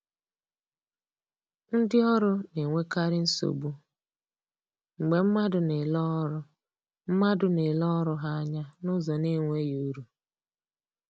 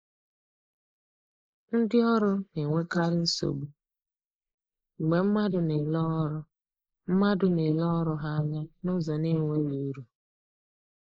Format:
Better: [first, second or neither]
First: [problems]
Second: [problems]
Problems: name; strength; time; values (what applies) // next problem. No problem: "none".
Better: first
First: none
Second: noise reduction (neural mask model Resemble Enhance denoiser)